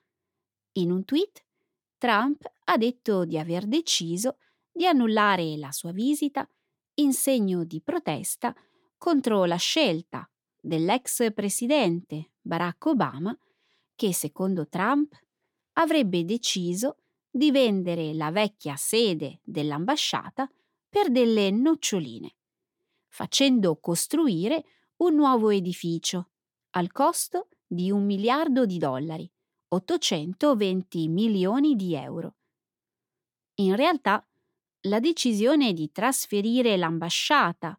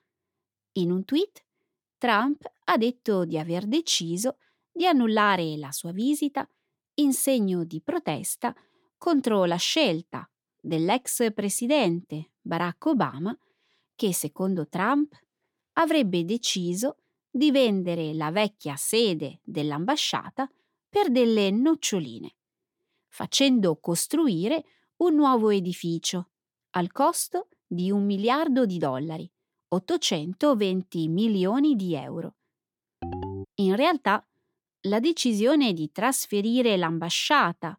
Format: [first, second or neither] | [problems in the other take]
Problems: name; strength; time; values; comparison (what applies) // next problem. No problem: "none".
first | phone ringing; noticeable; at 33 s; peak 9 dB below the speech